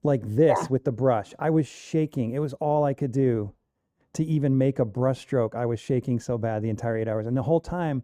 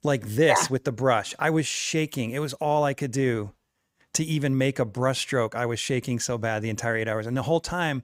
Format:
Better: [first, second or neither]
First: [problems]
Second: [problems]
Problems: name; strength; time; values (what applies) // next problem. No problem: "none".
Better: second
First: muffled; slightly; fading above 1 kHz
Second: none